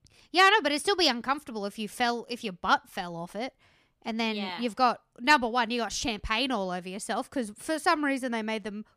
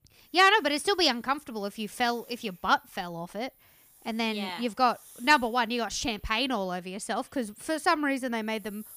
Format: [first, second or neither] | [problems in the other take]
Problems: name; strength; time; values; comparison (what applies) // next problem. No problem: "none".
first | hiss; faint; throughout; 25 dB below the speech